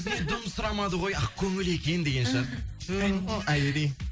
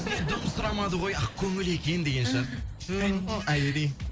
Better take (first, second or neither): first